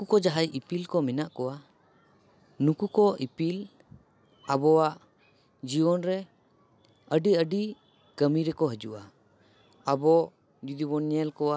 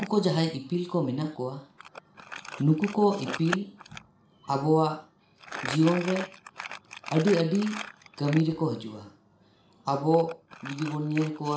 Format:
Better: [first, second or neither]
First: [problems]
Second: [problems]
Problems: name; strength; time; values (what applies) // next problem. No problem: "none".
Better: first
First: none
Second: background sound (Crumpling, crinkling); 13 dB below the speech // room echo; dies away in 0.4 s